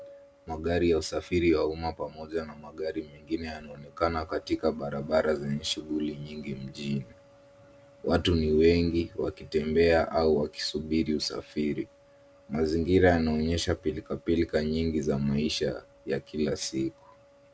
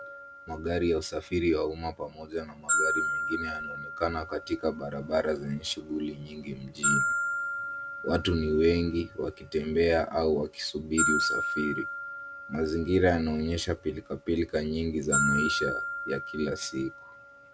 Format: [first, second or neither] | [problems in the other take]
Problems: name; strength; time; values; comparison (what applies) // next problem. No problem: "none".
first | background sound (Glockenspiel); 4 dB below the speech